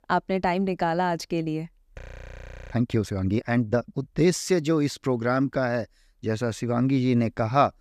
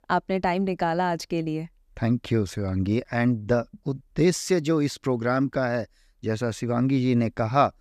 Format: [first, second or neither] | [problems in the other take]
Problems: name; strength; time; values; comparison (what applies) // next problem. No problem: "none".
second | audio freezing; at 2 s for 0.5 s